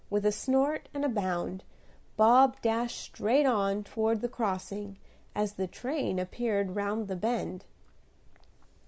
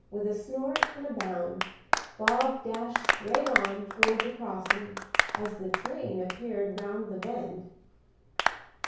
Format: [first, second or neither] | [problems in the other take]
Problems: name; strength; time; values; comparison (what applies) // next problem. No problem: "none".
first | background sound (Applause); 1 dB above the speech // room echo; dies away in 0.6 s